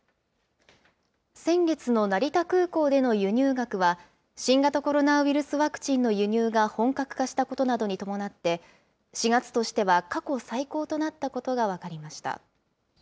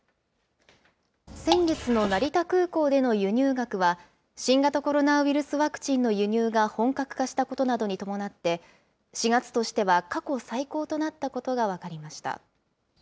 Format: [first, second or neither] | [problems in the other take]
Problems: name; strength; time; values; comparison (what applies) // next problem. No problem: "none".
first | background sound (Drip / Water); 6 dB below the speech